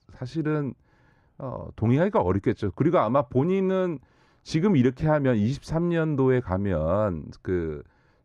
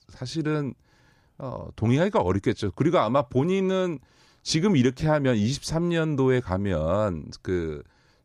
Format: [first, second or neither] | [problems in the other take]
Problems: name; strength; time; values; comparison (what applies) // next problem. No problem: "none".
second | muffled; slightly; fading above 3 kHz